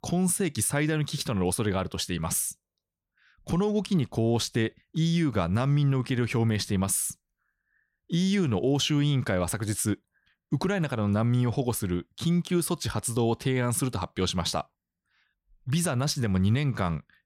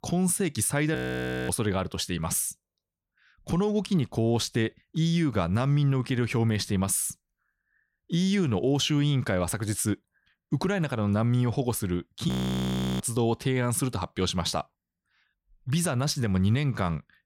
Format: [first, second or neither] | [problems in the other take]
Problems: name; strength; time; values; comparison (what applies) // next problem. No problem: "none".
first | audio freezing; at 1 s for 0.5 s and at 12 s for 0.5 s